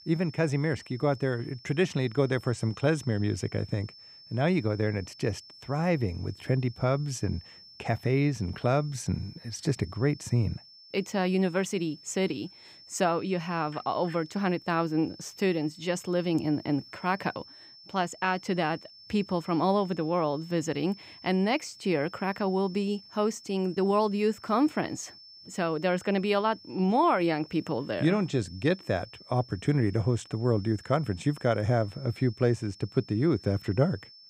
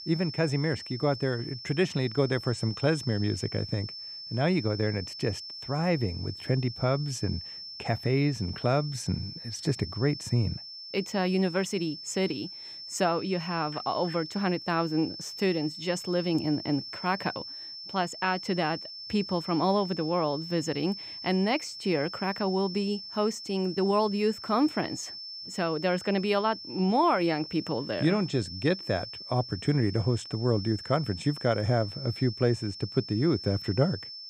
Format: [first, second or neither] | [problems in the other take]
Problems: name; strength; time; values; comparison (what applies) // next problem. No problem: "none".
first | high-pitched whine; loud; throughout; 5.5 kHz, 10 dB below the speech; faint in the first